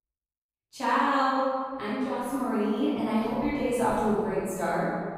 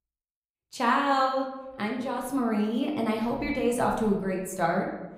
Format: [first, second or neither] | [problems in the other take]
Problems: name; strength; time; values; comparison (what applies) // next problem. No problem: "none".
second | room echo; strong; dies away in 1.9 s; slight in the second // off-mic speech; far; somewhat distant in the second